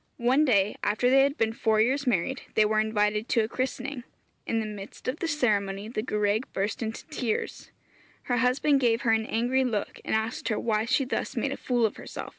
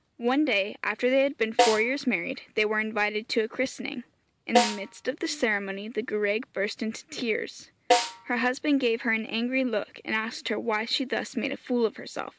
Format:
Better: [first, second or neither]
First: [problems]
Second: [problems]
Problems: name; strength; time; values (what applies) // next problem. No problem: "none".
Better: first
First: none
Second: background sound (Snare drum); 1 dB below the speech